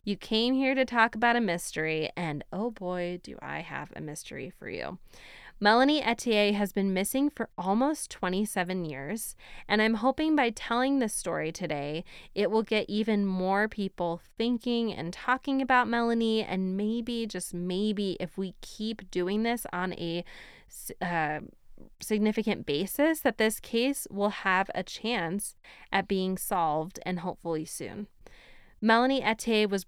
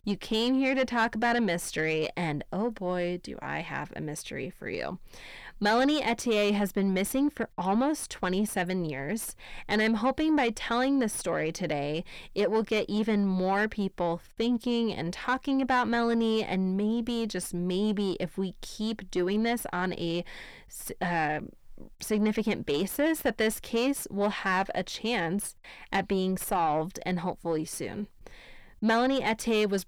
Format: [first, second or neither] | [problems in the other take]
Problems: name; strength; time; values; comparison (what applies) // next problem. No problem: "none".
first | distortion; slight; 10 dB below the speech